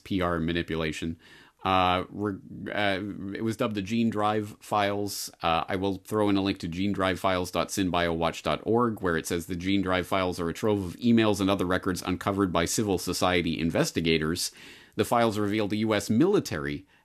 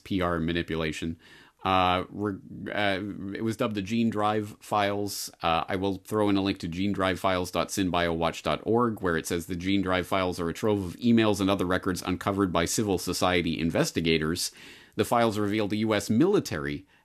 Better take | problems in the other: neither | none

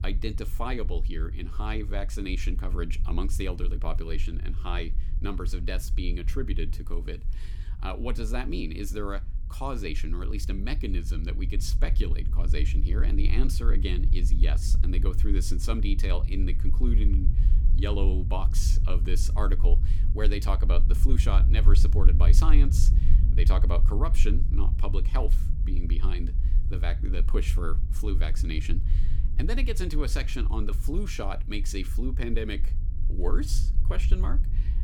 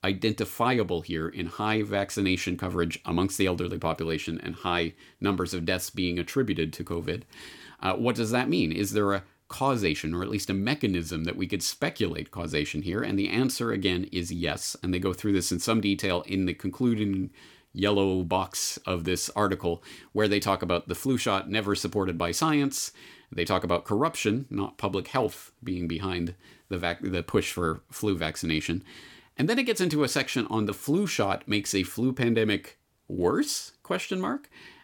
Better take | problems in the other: second | low rumble; noticeable; throughout; 10 dB below the speech

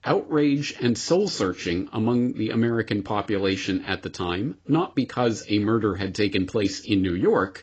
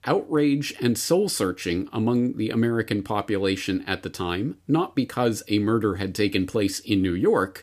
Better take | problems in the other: second | garbled, watery; badly; nothing above 7.5 kHz

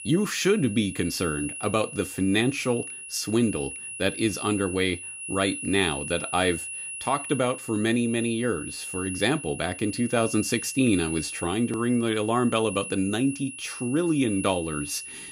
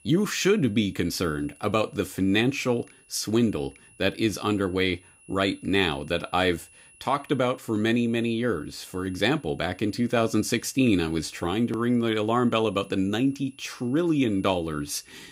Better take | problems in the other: second | high-pitched whine; loud; throughout; 10.5 kHz, 9 dB below the speech; faint in the second

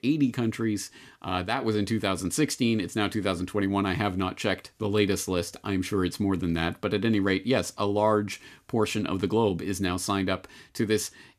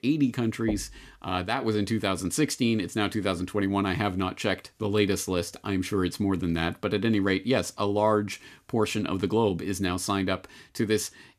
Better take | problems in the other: first | door banging; faint; at 0.5 s; peak 10 dB below the speech

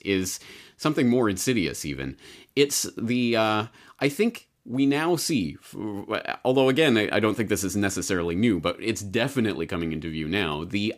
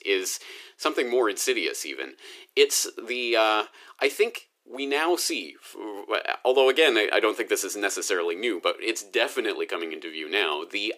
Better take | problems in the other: first | thin; very; fading below 350 Hz

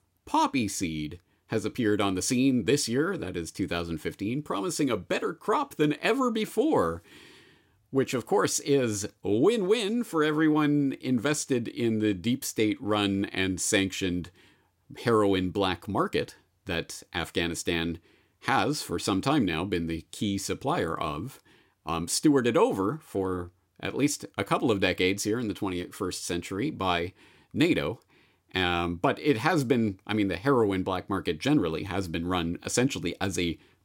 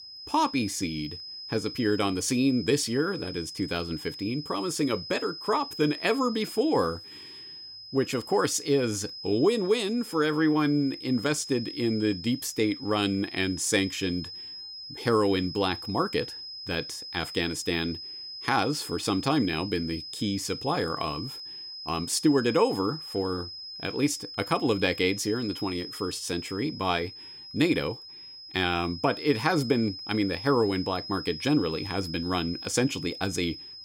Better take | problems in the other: first | high-pitched whine; noticeable; throughout; 5 kHz, 10 dB below the speech

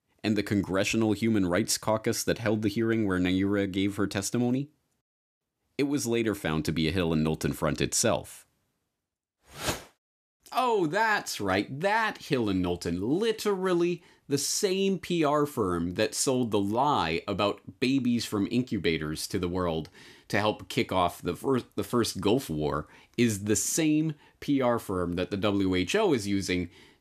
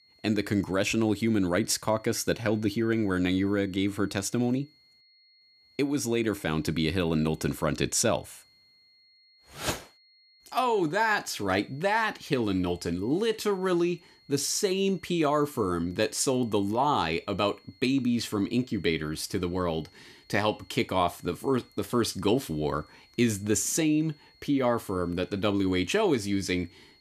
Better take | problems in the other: first | high-pitched whine; faint; throughout; 4.5 kHz, 30 dB below the speech

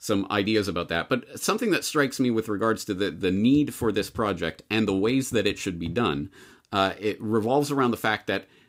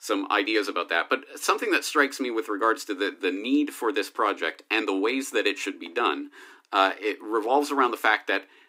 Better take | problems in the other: first | thin; somewhat; fading below 300 Hz

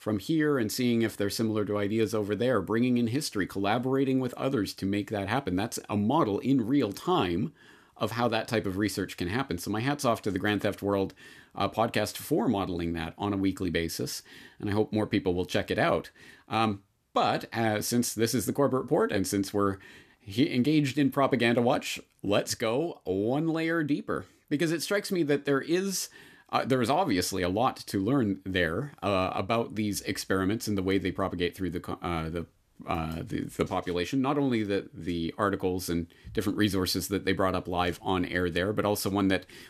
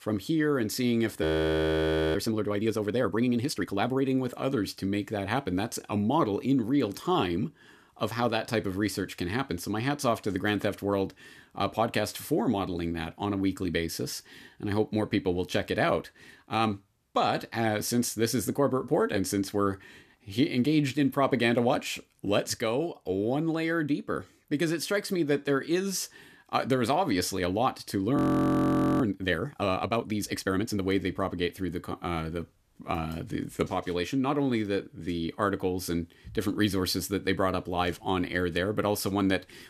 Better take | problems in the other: first | audio freezing; at 1 s for 1 s and at 28 s for 1 s

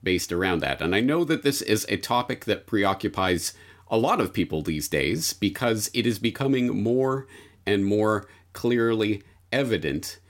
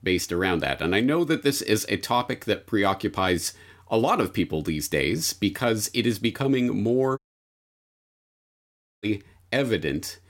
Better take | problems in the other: first | audio cutting out; at 7 s for 2 s

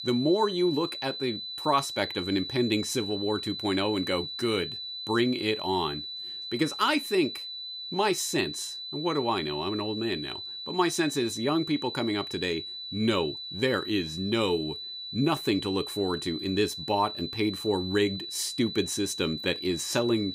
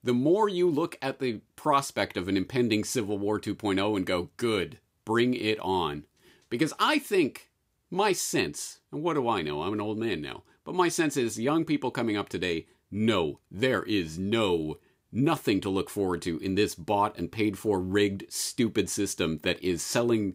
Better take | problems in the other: second | high-pitched whine; loud; throughout; 4 kHz, 6 dB below the speech

